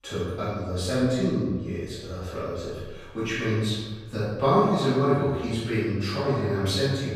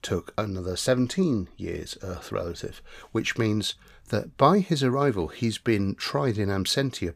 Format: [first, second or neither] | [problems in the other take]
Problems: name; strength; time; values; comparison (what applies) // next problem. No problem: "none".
second | room echo; strong; dies away in 1.3 s // off-mic speech; far